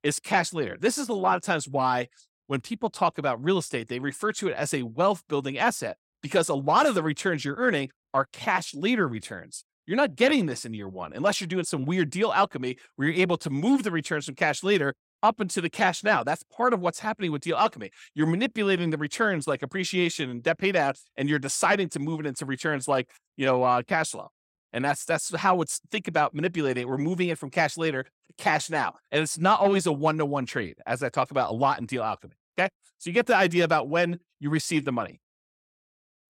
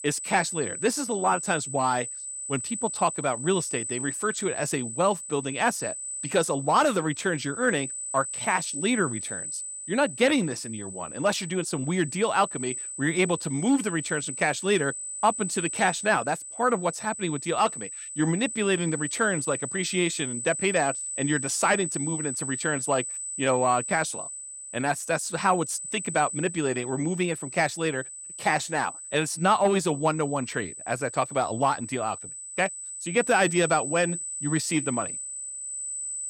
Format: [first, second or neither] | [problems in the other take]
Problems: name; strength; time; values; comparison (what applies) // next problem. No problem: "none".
first | high-pitched whine; loud; throughout; 8 kHz, 6 dB below the speech